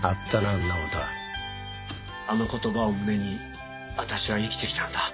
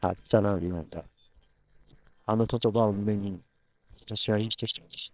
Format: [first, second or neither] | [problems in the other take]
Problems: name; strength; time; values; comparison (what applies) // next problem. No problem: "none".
first | noise reduction (neural separator model SepFormer WHAMR!)